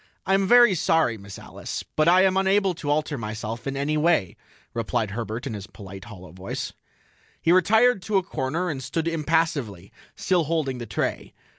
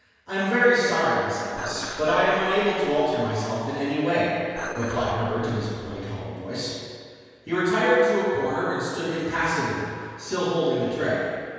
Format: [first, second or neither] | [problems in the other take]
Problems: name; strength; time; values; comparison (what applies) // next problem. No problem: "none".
first | background sound (Dishes, pots, and pans); 14 dB below the speech // room echo; dies away in 1.9 s